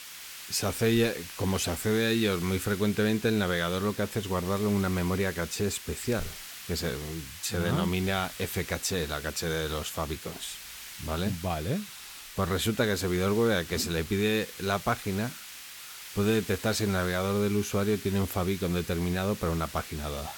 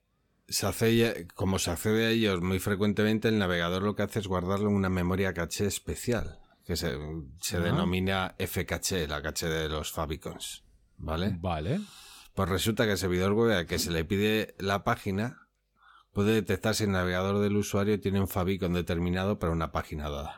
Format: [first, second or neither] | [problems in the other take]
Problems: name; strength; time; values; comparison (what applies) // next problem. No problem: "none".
second | hiss; noticeable; throughout; 10 dB below the speech